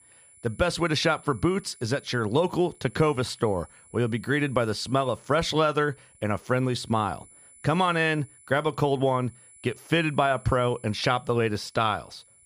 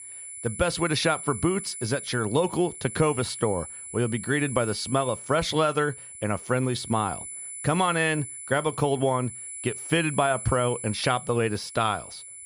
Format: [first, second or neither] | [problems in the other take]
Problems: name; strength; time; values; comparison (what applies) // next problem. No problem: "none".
first | high-pitched whine; loud; throughout; 10 kHz, 10 dB below the speech; faint in the first